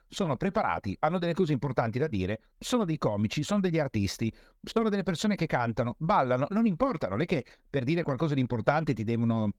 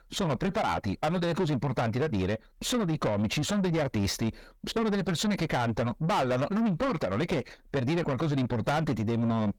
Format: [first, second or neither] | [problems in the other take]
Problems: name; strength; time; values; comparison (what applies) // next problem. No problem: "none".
first | distortion; heavy; 8 dB below the speech